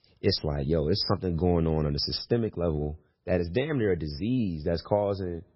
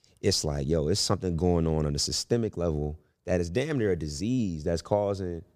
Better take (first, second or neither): second